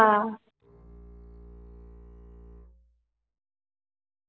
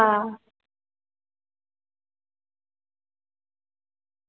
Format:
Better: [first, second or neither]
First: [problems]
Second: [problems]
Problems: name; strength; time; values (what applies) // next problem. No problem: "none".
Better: second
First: background sound (Bowed string instrument); 18 dB below the speech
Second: none